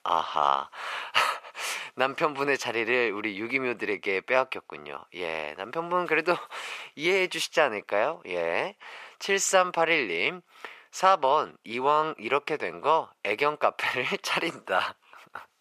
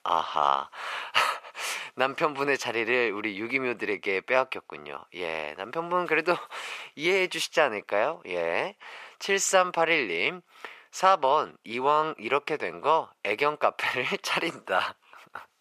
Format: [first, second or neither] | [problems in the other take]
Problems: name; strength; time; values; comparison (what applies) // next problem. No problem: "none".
neither | thin; very; fading below 600 Hz; the same in both